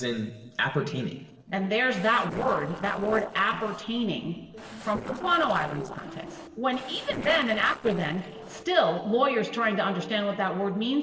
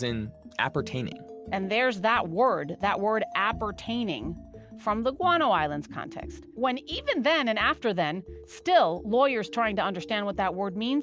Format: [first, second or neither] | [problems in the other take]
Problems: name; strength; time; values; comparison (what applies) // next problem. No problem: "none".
second | noise reduction (neural separator model SepFormer DNS4)